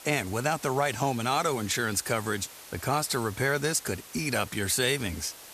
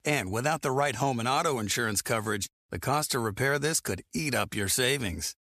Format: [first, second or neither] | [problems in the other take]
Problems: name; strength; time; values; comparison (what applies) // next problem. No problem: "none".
second | hiss; noticeable; throughout; 15 dB below the speech